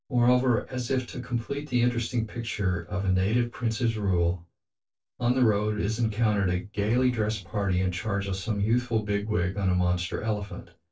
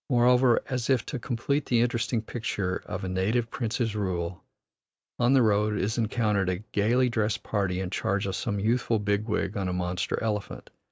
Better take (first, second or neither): second